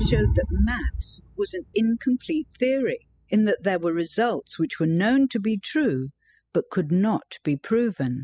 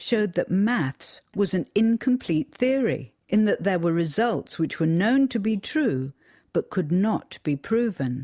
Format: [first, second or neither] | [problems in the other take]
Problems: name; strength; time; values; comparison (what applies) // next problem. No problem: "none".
second | noise reduction (classical method spectral subtraction)